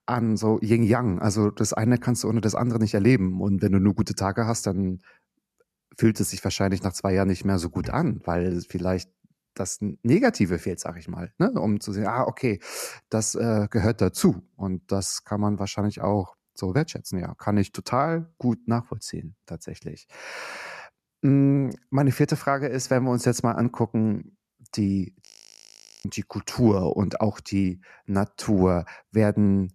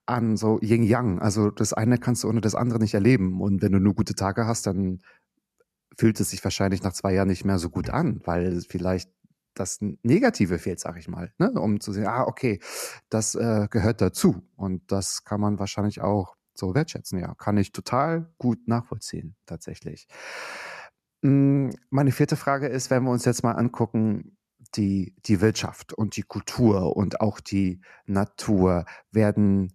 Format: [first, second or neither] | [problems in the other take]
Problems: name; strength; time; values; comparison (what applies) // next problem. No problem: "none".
second | audio freezing; at 25 s for 1 s